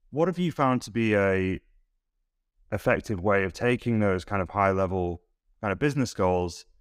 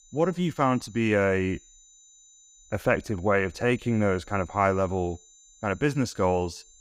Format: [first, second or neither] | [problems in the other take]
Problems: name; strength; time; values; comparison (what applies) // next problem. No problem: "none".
first | high-pitched whine; faint; throughout; 7 kHz, 25 dB below the speech